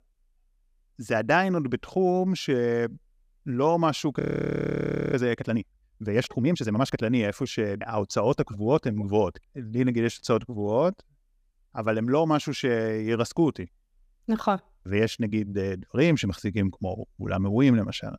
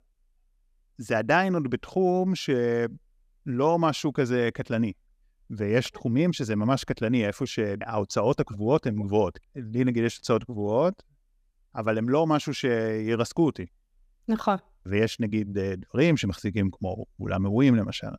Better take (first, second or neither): second